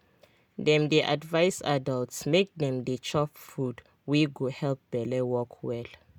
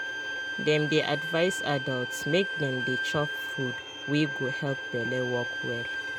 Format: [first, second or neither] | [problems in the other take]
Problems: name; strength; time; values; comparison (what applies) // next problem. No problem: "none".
first | background sound (Bowed string instrument); 3 dB below the speech